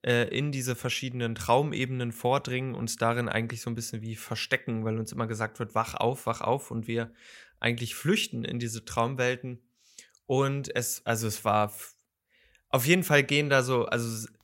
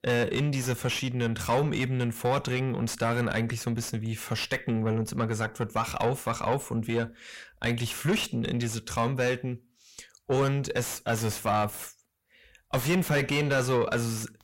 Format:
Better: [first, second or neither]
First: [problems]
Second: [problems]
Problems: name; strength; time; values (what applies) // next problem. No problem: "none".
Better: first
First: none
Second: distortion; heavy; 6 dB below the speech